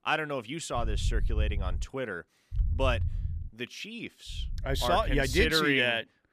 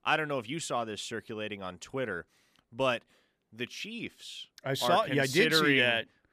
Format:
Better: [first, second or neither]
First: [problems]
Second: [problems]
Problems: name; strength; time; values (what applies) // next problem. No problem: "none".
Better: second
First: low rumble; faint; from 1 to 2 s, at 2.5 s and from 4.5 to 5.5 s; 25 dB below the speech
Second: none